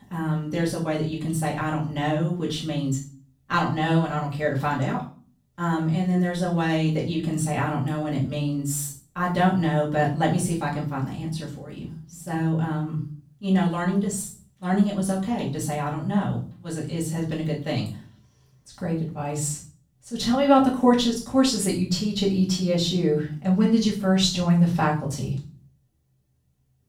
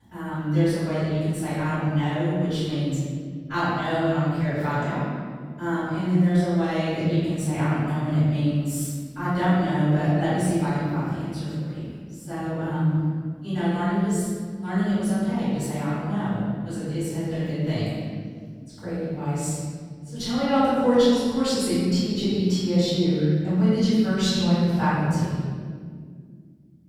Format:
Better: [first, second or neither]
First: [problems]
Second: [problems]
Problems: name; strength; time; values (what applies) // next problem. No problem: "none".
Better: first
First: room echo; slight; dies away in 0.4 s // off-mic speech; far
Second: room echo; strong; dies away in 2 s // off-mic speech; far